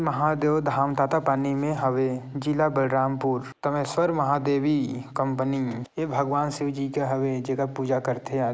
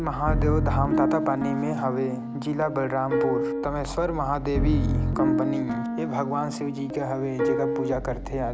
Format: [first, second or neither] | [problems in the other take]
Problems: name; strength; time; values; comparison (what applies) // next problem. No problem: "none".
first | background sound (Piano); 1 dB above the speech